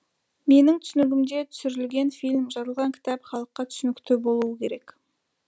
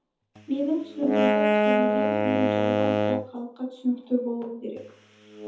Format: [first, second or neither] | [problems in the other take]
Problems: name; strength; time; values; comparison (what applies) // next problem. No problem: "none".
first | background sound (Wind instrument, woodwind instrument); 3 dB above the speech // room echo; dies away in 0.5 s